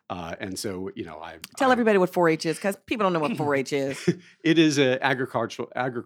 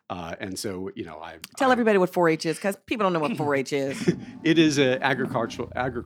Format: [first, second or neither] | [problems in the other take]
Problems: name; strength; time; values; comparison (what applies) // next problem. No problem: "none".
first | traffic noise; noticeable; from 4 s on; 15 dB below the speech